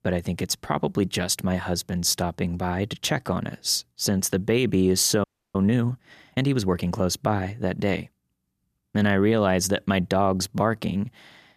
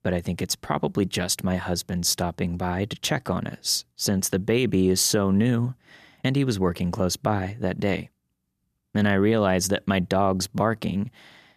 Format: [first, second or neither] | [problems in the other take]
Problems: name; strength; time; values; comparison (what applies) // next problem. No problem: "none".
second | audio freezing; at 5 s